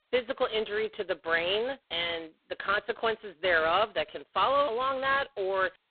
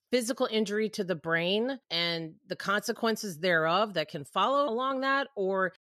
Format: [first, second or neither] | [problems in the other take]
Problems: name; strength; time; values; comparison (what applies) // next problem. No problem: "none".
second | phone-call audio; poor line